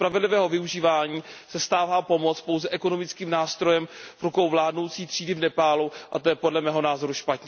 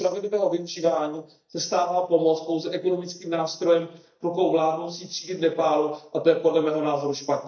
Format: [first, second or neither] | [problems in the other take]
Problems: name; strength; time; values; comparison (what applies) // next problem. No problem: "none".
first | noise reduction (neural mask model DeepFilterNet 3)